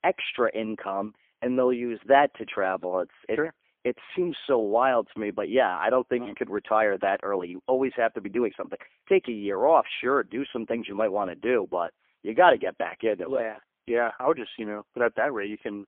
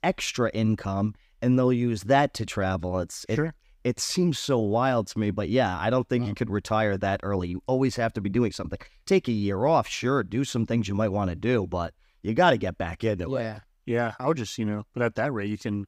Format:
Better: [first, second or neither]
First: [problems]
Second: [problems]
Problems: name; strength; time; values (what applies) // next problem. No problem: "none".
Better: second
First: phone-call audio; poor line; nothing above 3.5 kHz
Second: none